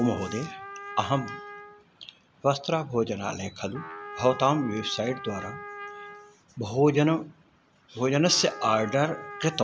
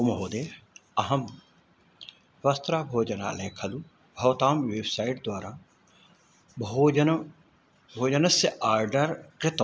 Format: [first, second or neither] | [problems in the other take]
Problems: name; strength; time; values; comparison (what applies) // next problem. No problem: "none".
second | background sound (Trumpet); 15 dB below the speech